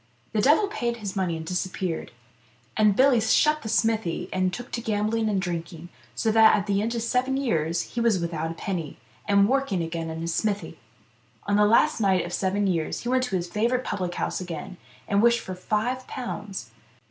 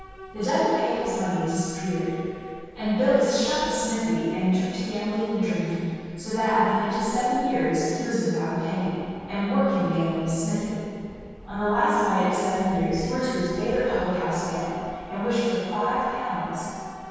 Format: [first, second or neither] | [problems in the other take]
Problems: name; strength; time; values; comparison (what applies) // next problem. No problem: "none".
first | background sound (Subway, metro, underground / Train); 19 dB below the speech // room echo; dies away in 2.2 s